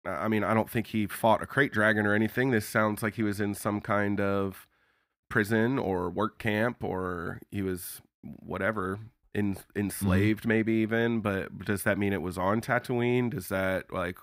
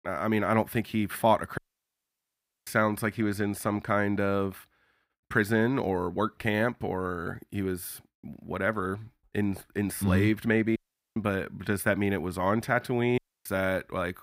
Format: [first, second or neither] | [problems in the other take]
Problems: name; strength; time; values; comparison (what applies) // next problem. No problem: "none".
first | audio cutting out; at 1.5 s for 1 s, at 11 s and at 13 s